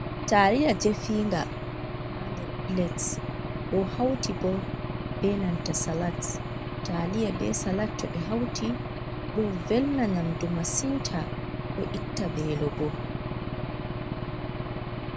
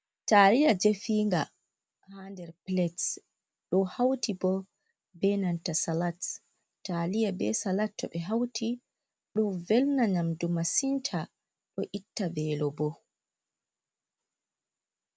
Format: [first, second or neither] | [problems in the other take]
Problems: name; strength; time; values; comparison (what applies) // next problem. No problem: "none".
second | background sound (Engine / Aircraft); 3 dB below the speech